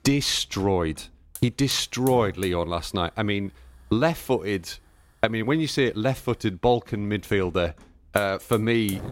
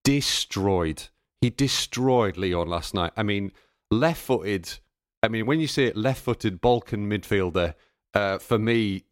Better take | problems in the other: second | hiss; noticeable; throughout; 20 dB below the speech

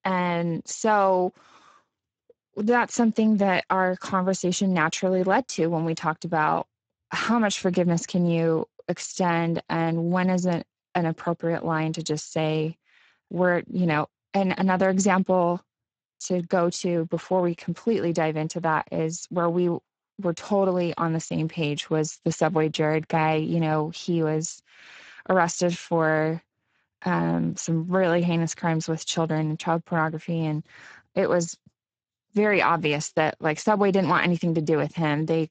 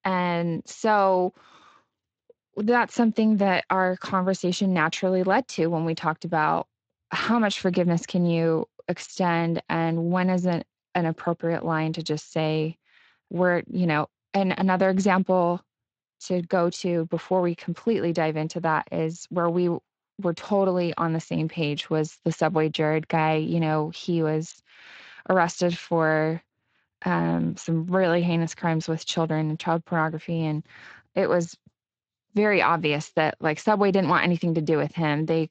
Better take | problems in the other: second | garbled, watery; badly; nothing above 7.5 kHz; slightly in the second

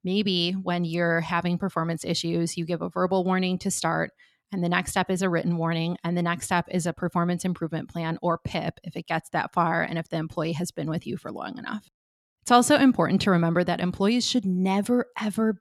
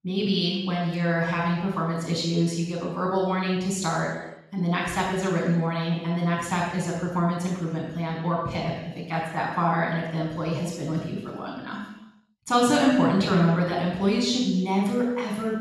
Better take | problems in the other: first | room echo; strong; dies away in 0.9 s // off-mic speech; far

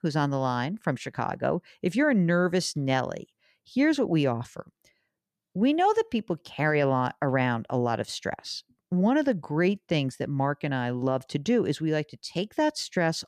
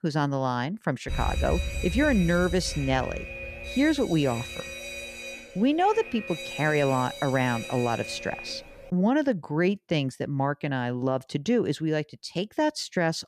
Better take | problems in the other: first | alarm; noticeable; from 1 to 8.5 s; peak 3 dB below the speech

